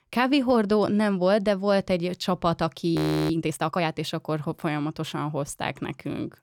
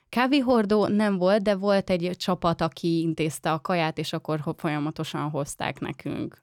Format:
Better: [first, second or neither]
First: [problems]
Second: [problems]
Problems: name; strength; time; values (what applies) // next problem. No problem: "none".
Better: second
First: audio freezing; at 3 s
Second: none